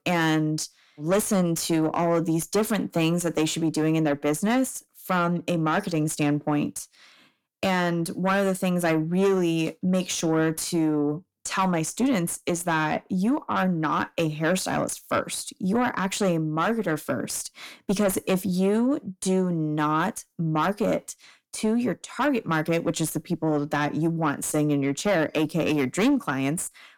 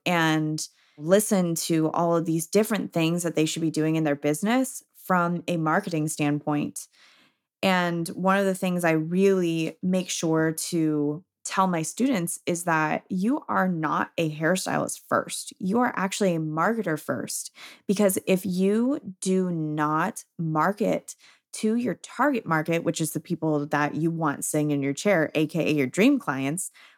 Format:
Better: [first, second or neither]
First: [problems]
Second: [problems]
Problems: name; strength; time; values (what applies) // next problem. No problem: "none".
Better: second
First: distortion; slight; 10 dB below the speech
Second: none